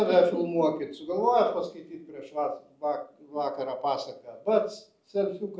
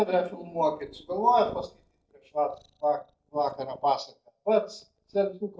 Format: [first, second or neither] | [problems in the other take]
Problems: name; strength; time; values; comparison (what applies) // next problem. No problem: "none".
first | noise reduction (neural mask model DeepFilterNet 3)